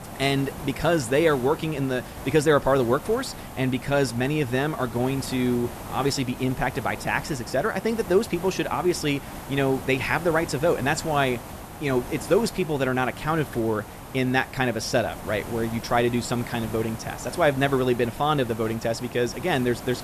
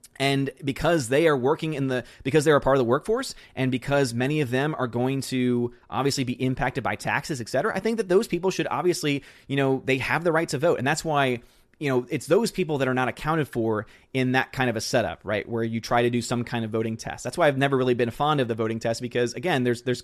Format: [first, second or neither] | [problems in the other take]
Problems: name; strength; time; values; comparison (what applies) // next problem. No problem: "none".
second | hiss; noticeable; throughout; 15 dB below the speech